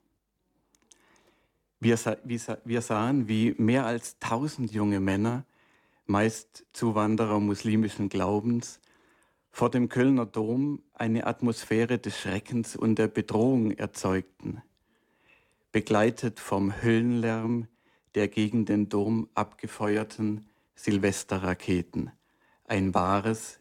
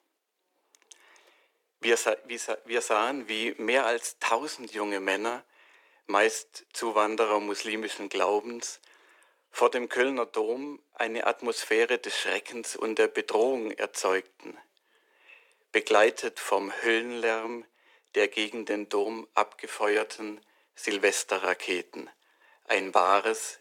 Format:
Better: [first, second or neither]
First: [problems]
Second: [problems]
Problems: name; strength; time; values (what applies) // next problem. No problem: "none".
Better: first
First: none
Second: thin; very; fading below 450 Hz